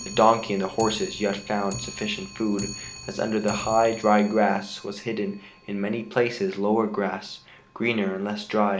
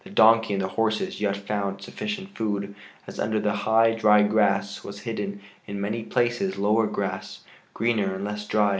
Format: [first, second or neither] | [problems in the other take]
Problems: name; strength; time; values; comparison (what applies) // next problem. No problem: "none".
second | background sound (Clock); 16 dB below the speech